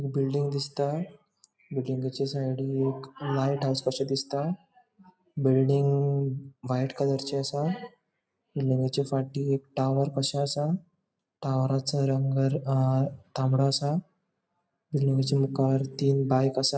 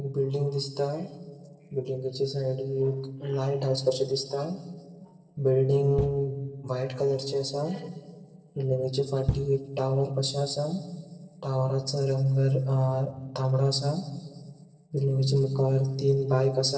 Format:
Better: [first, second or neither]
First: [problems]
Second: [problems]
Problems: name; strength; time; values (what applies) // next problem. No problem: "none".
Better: first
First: none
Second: noise reduction (neural separator model SepFormer DNS4)